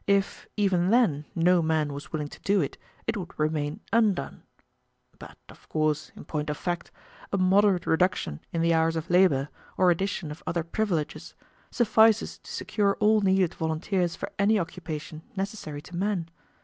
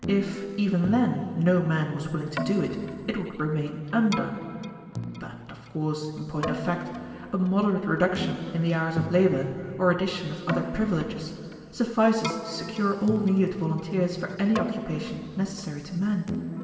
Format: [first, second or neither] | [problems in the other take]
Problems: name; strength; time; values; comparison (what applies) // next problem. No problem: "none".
first | background sound (Keyboard (musical)); 10 dB below the speech // room echo; dies away in 2.3 s